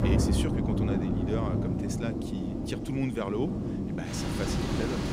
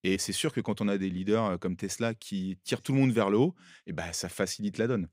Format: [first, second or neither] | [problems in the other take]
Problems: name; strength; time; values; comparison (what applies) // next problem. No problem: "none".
second | rain or running water; very loud; throughout; 5 dB above the speech